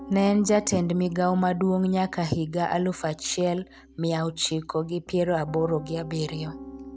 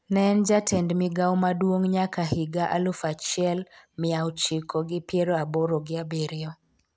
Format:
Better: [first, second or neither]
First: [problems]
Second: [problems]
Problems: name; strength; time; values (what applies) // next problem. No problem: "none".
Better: second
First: background sound (Piano); 18 dB below the speech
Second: none